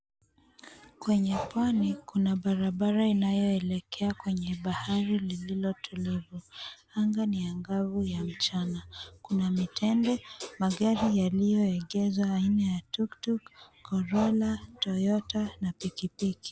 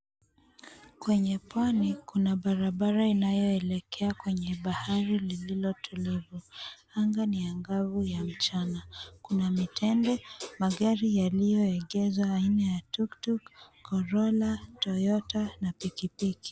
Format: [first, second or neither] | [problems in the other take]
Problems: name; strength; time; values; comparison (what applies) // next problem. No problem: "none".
second | background sound (Breathing); 16 dB below the speech